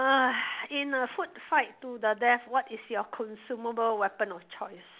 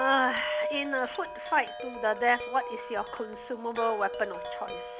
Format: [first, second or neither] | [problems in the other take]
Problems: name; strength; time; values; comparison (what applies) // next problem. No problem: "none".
first | background sound (Wind chime); 7 dB below the speech